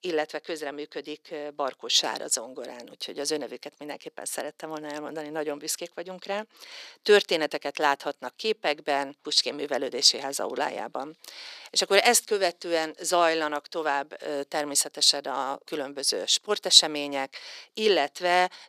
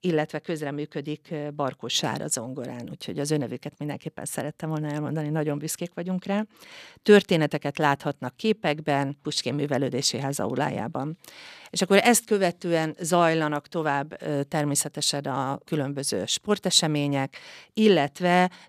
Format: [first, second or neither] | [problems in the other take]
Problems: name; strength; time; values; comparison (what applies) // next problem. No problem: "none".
second | thin; somewhat; fading below 350 Hz